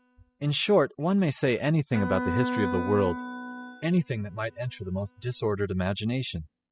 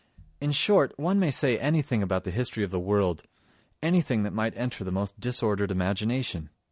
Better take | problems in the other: second | noise reduction (classical method spectral subtraction)

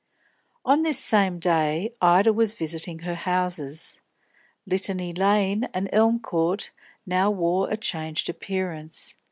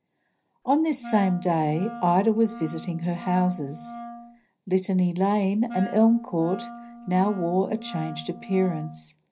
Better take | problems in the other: first | background sound (Wind instrument, woodwind instrument); 14 dB below the speech // room echo; dies away in 0.4 s

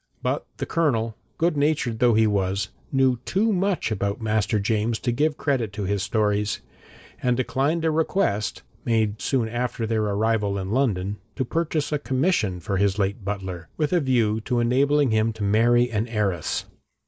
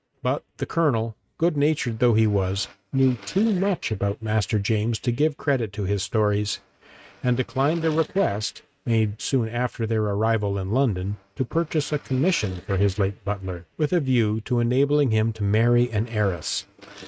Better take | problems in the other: first | noise reduction (neural mask model RNNoise)

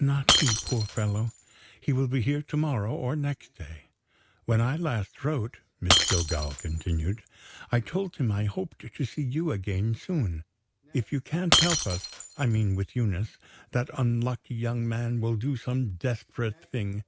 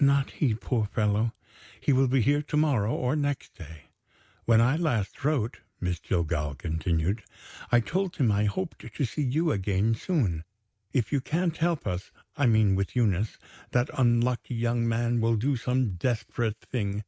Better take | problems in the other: second | background sound (Shatter); 5 dB below the speech

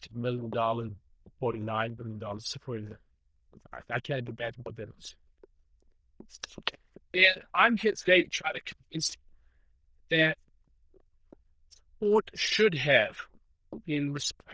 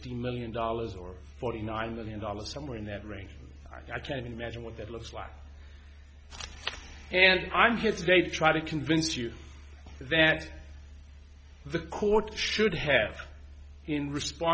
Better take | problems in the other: second | noise reduction (neural diffusion model UNIVERSE++)

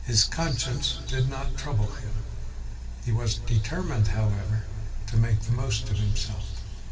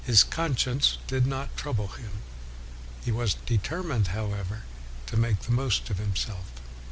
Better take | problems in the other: second | room echo; dies away in 2.8 s

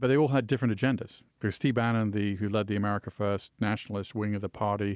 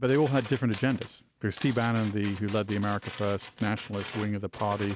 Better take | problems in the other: first | background sound (Tools); 16 dB below the speech

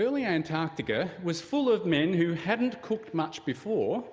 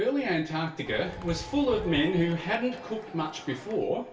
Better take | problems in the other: first | background sound (Crowd); 13 dB below the speech // room echo; dies away in 0.3 s

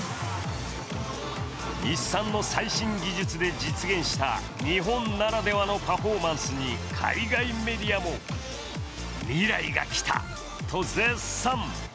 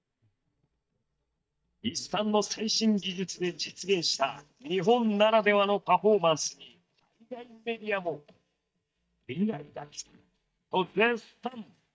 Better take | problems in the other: first | noise reduction (neural mask model DeepFilterNet 3)

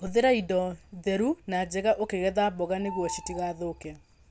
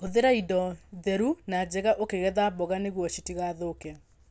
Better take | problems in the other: second | background sound (Bird); 19 dB below the speech

